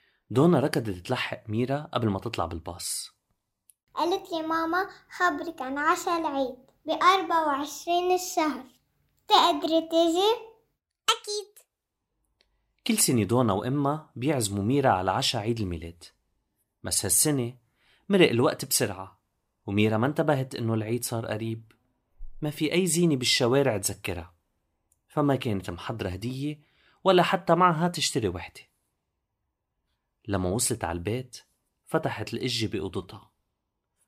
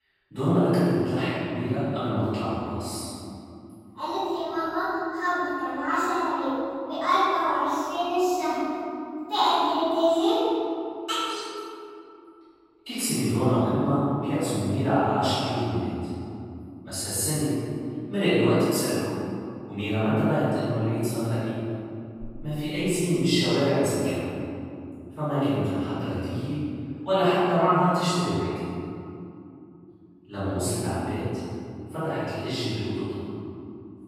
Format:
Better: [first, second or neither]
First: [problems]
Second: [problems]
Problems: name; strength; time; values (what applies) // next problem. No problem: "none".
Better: first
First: none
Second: off-mic speech; far // room echo; strong; dies away in 2.7 s